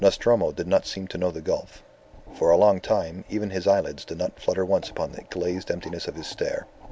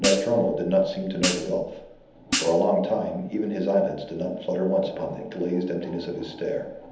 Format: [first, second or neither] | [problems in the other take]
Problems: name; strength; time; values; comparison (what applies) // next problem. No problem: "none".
first | background sound (Hi-hat); 5 dB below the speech // room echo; dies away in 0.9 s